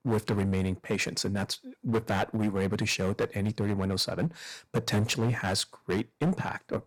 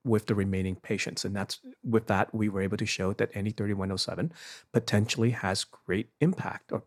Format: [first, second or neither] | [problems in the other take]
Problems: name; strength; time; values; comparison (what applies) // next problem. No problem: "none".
second | distortion; heavy; 9% of the sound clipped